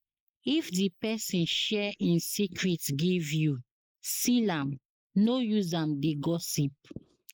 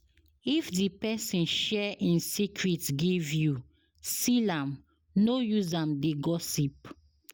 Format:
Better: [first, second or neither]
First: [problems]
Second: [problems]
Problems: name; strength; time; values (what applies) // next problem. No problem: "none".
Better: second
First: noise reduction (neural mask model Resemble Enhance denoiser)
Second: none